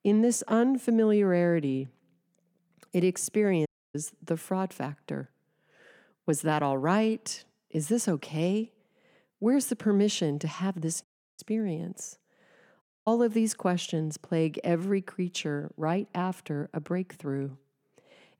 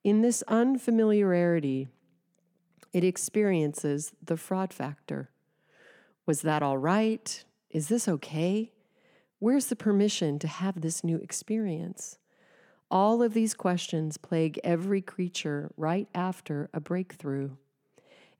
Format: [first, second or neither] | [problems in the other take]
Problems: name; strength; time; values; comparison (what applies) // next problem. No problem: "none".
second | audio cutting out; at 3.5 s, at 11 s and at 13 s